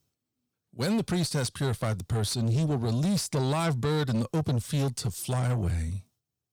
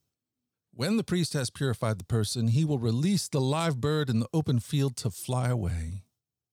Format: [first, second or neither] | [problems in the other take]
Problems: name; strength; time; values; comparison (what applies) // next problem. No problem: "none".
second | distortion; slight; 10 dB below the speech